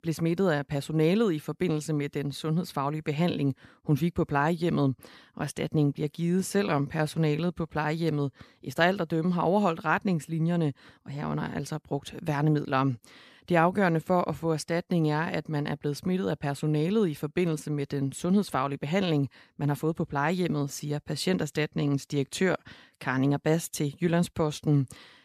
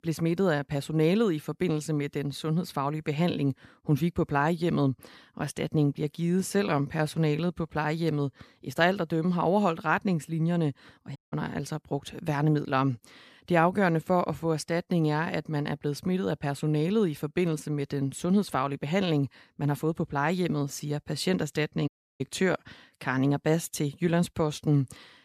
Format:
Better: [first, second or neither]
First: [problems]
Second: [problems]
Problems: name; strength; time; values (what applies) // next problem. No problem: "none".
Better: first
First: none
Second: audio cutting out; at 11 s and at 22 s